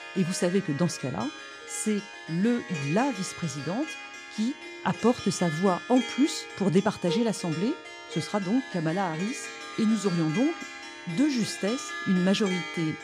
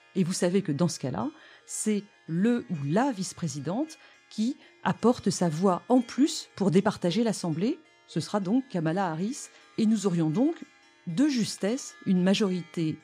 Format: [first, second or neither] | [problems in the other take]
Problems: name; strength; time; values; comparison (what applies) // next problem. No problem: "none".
second | background music; loud; throughout; 9 dB below the speech; faint in the second